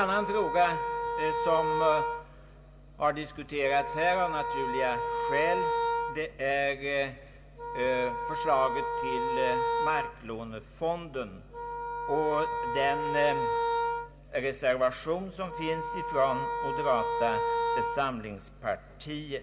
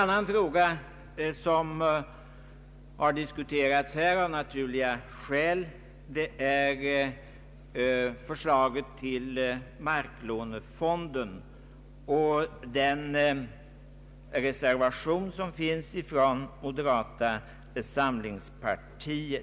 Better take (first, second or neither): second